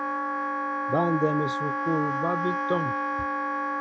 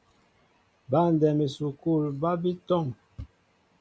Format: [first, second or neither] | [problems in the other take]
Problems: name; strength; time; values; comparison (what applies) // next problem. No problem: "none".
second | background sound (Wind instrument, woodwind instrument); 2 dB above the speech